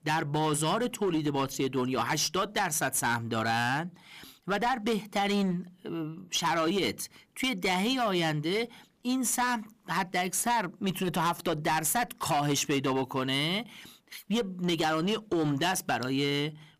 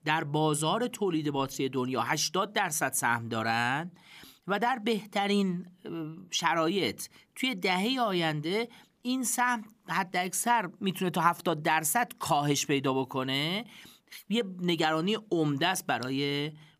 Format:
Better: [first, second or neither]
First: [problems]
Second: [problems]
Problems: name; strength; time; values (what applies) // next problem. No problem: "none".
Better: second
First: distortion; slight; 11% of the sound clipped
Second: none